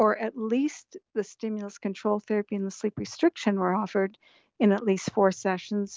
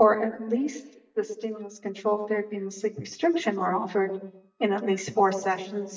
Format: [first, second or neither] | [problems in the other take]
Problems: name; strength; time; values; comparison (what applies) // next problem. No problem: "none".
first | noise reduction (neural mask model DeepFilterNet 3)